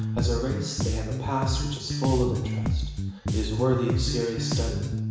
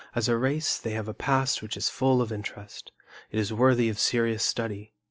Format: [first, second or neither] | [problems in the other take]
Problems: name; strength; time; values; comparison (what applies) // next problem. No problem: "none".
second | background sound (Bass guitar); 1 dB above the speech // room echo; dies away in 1 s